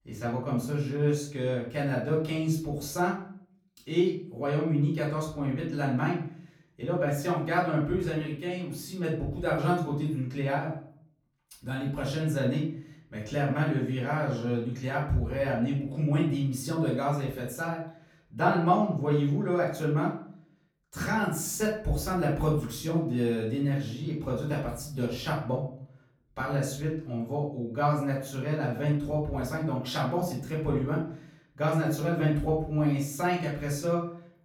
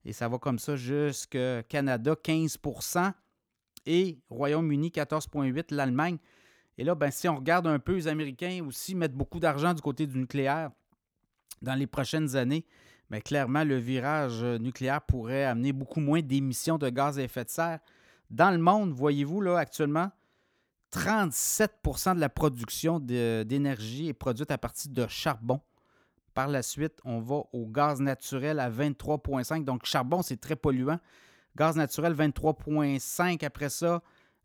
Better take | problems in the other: second | off-mic speech; far // room echo; noticeable; dies away in 0.5 s

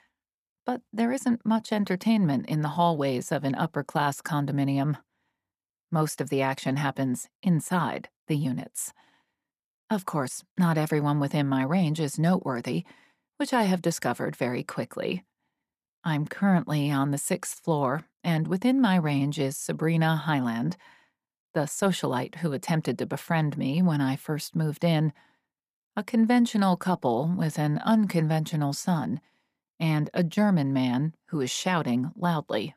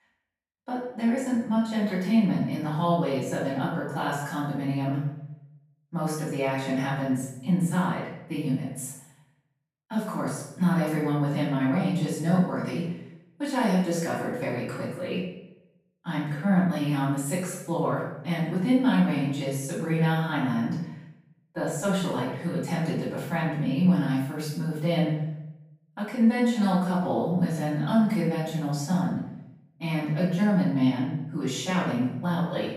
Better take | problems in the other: first | off-mic speech; far // room echo; noticeable; dies away in 0.7 s

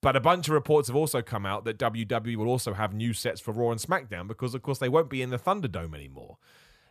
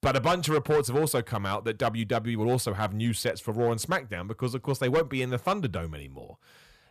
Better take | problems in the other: first | distortion; slight; 5% of the sound clipped

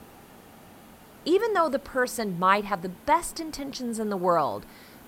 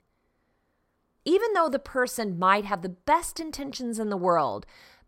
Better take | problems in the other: second | hiss; faint; throughout; 25 dB below the speech

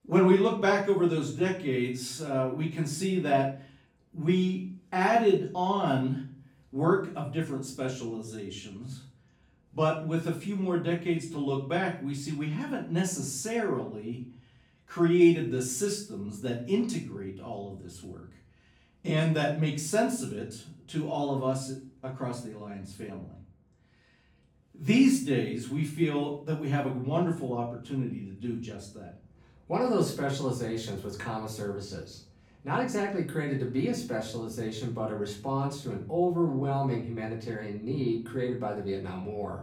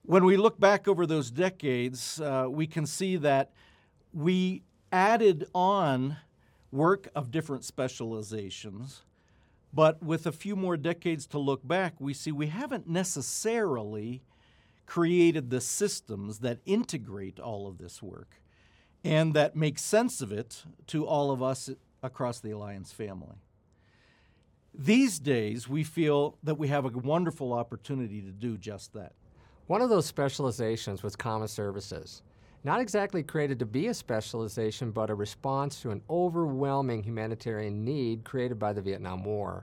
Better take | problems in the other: second | room echo; slight; dies away in 0.4 s // off-mic speech; far

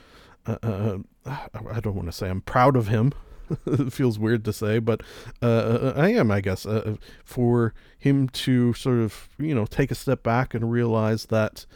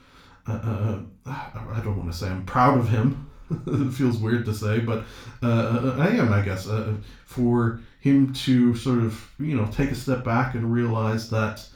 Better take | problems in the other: first | room echo; slight; dies away in 0.3 s // off-mic speech; somewhat distant

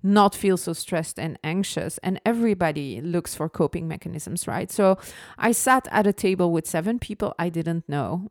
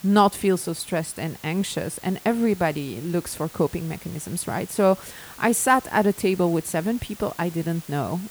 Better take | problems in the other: first | hiss; noticeable; throughout; 20 dB below the speech

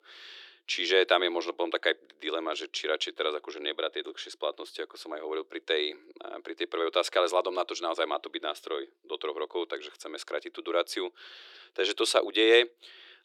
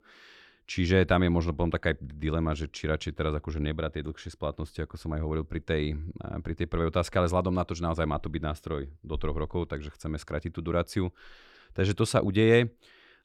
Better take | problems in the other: second | thin; very; fading below 350 Hz

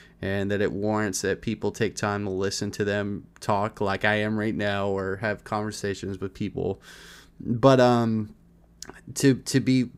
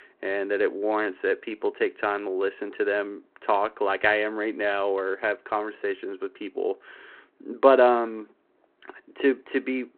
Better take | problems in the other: first | phone-call audio; nothing above 3.5 kHz

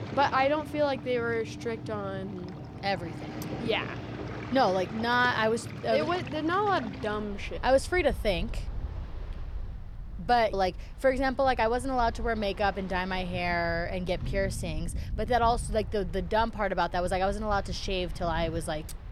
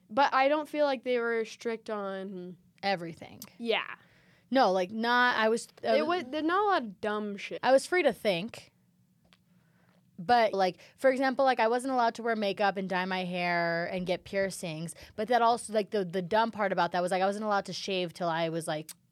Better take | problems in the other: second | rain or running water; noticeable; throughout; 10 dB below the speech

